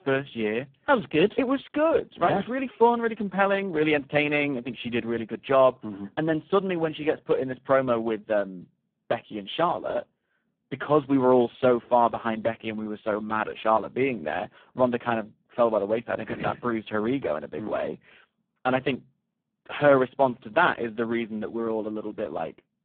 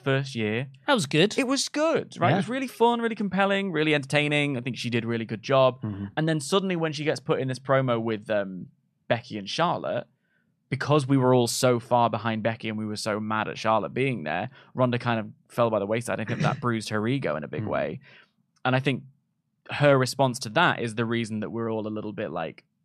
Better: second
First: phone-call audio; poor line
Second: none

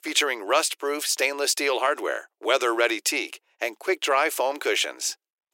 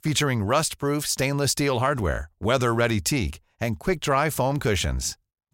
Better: second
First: thin; very; fading below 350 Hz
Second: none

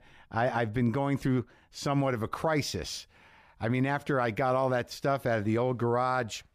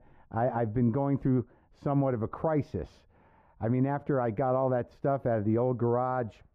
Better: first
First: none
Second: muffled; very; fading above 2 kHz

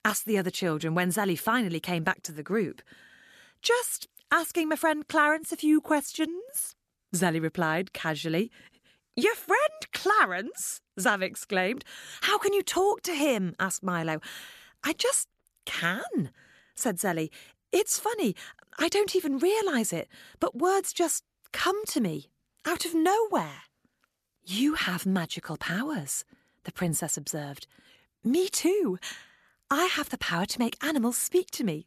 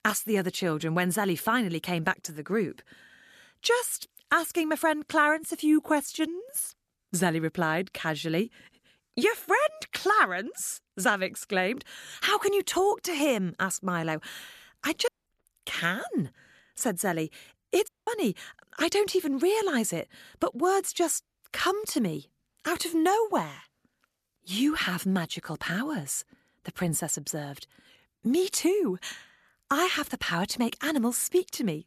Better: first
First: none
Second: audio cutting out; at 15 s and at 18 s

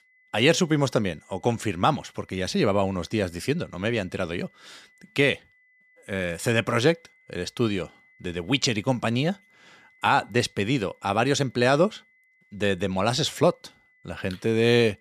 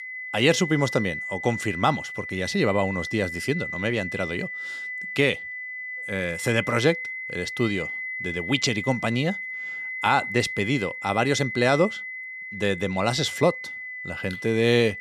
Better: first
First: high-pitched whine; faint; throughout; 2 kHz, 35 dB below the speech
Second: high-pitched whine; loud; throughout; 2 kHz, 6 dB below the speech

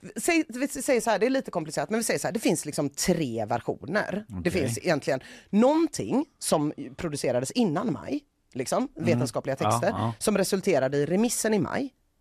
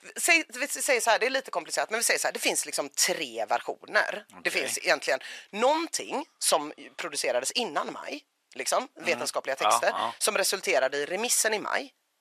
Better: first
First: none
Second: thin; very; fading below 700 Hz

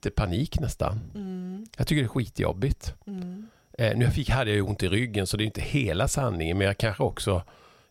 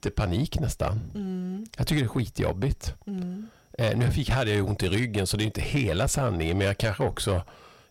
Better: first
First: none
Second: distortion; slight; 10 dB below the speech

